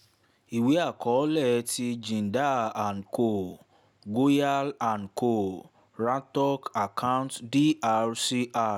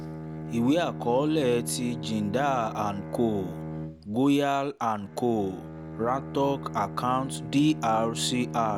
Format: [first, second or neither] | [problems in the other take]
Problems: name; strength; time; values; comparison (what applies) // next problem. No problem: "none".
first | background sound (Bowed string instrument); 9 dB below the speech